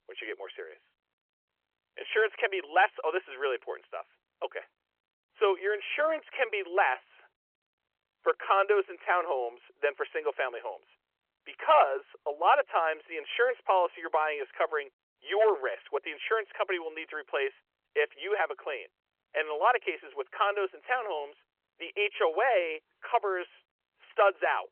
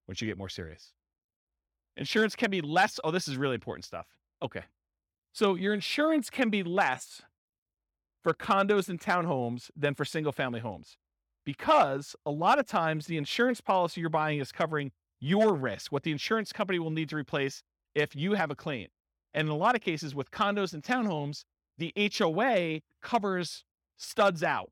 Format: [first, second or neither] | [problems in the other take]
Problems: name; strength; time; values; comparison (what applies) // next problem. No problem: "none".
second | phone-call audio; nothing above 3 kHz